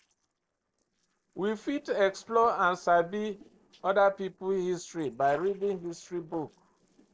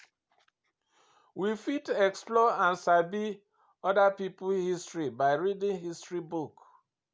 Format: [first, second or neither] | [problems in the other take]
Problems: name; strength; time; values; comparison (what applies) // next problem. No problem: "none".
second | noise reduction (neural separator model SepFormer DNS4)